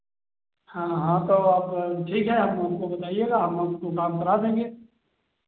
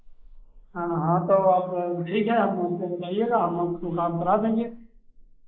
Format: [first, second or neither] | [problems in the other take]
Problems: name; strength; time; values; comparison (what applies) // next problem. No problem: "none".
first | noise reduction (neural mask model Resemble Enhance denoiser)